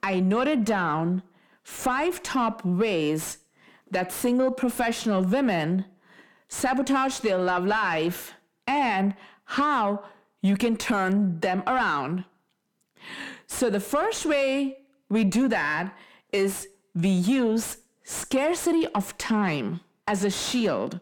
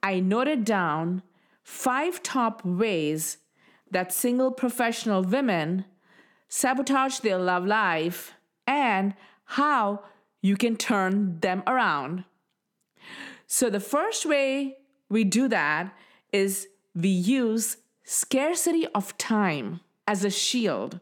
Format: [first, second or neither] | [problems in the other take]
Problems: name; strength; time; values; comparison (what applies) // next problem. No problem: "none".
second | distortion; slight; 10 dB below the speech